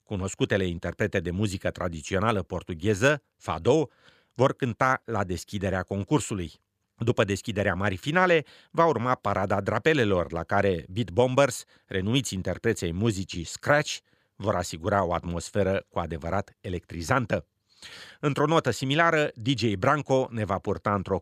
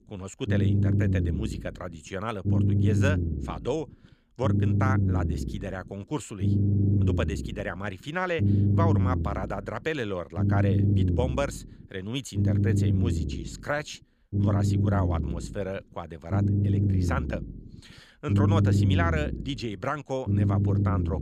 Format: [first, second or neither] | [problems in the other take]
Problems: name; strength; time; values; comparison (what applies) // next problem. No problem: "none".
first | low rumble; loud; throughout; 3 dB below the speech